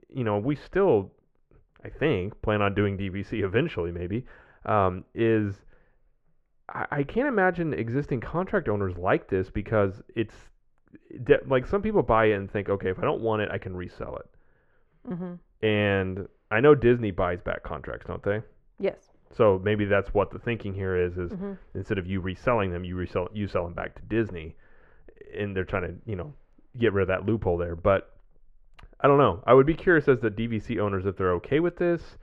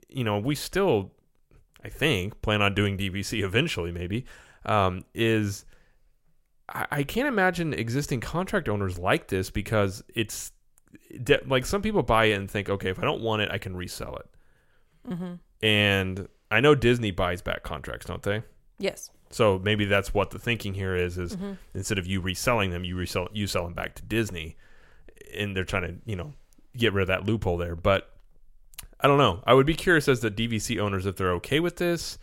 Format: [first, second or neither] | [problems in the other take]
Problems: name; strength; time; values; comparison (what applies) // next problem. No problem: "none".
second | muffled; very; fading above 1.5 kHz